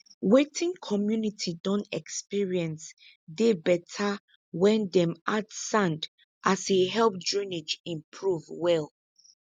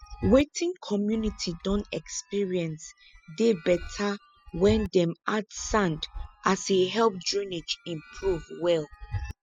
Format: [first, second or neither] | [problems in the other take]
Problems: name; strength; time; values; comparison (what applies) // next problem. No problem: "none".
first | noise reduction (classical method spectral subtraction)